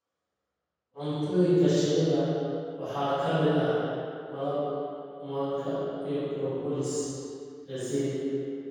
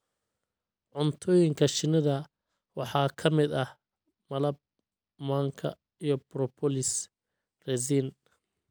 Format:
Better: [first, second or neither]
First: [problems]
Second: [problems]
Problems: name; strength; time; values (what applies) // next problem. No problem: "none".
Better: second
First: room echo; dies away in 2.2 s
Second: none